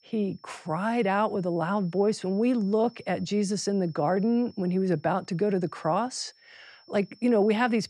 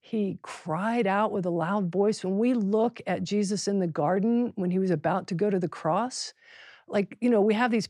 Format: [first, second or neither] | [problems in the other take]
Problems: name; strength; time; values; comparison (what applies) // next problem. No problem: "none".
second | high-pitched whine; faint; throughout; 5.5 kHz, 30 dB below the speech